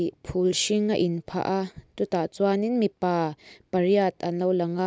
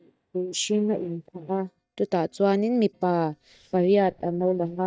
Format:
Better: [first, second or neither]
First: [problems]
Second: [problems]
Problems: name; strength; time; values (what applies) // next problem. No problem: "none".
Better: first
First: none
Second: noise reduction (neural mask model DeepFilterNet 3)